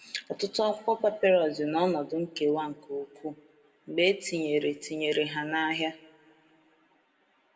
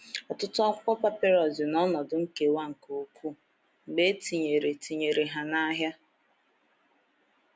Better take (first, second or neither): second